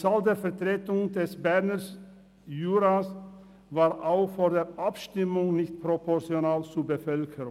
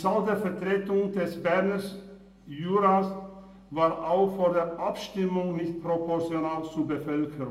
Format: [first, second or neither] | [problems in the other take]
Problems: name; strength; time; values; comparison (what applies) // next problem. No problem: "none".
first | room echo; dies away in 0.6 s